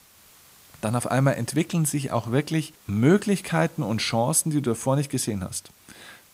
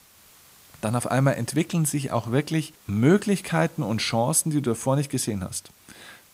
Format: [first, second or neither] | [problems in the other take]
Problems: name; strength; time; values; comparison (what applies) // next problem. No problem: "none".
neither | hiss; faint; throughout; 25 dB below the speech; the same in both